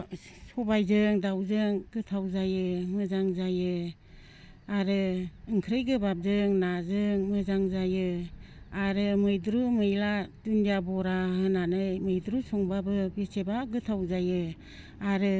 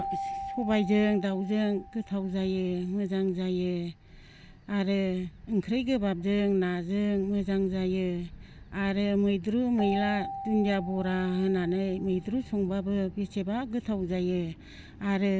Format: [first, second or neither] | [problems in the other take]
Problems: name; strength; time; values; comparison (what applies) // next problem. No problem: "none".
first | background sound (Keyboard (musical)); 15 dB below the speech